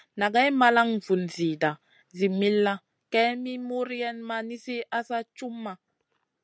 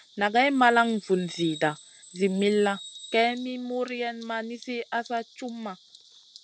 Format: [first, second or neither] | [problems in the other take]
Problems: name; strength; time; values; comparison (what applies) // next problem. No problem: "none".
first | background sound (Bird vocalization, bird call, bird song); 20 dB below the speech